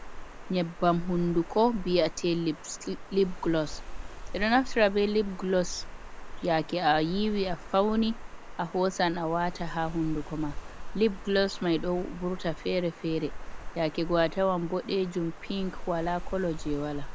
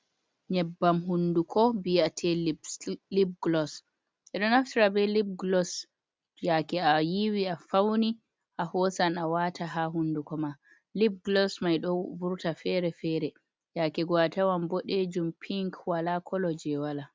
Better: second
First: background sound (Water); 9 dB below the speech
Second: none

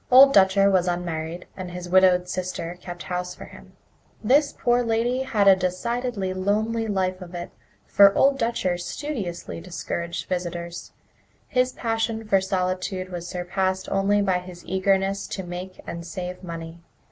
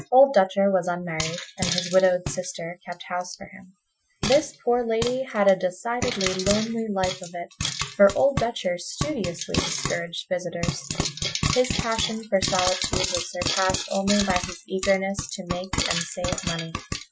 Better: first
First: none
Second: noise reduction (classical method Wiener filter)

